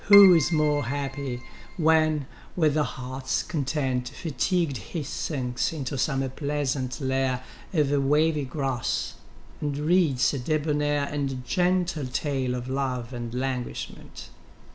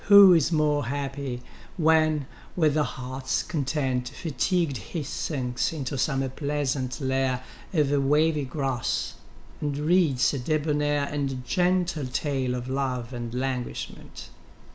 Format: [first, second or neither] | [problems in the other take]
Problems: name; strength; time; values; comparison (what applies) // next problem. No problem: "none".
second | background sound (Keyboard (musical)); 10 dB below the speech